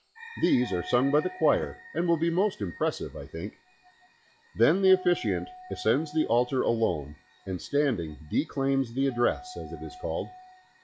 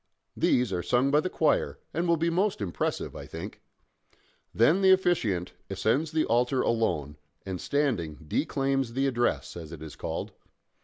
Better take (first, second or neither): second